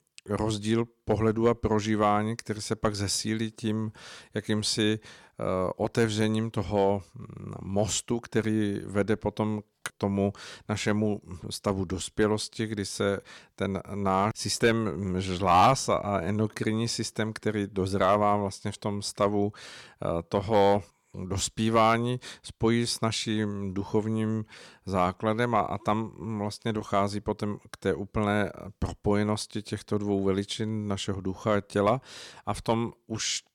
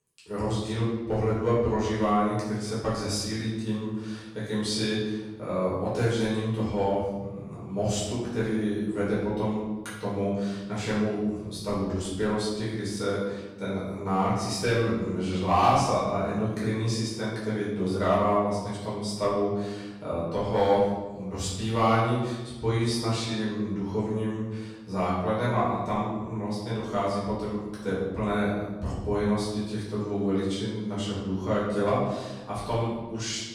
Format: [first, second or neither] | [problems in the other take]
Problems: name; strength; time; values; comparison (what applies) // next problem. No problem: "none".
first | off-mic speech; far // room echo; strong; dies away in 1.1 s